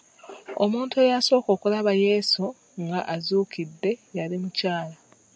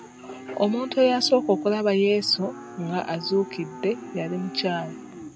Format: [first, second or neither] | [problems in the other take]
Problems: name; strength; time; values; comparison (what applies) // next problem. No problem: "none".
first | background sound (Livestock, farm animals, working animals); 13 dB below the speech